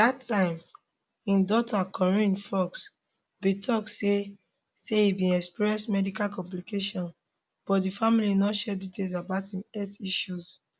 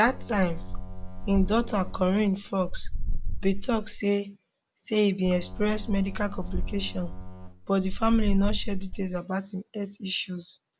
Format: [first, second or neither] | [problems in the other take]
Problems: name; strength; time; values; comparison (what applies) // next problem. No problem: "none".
first | background sound (Boat, Water vehicle); 1 dB below the speech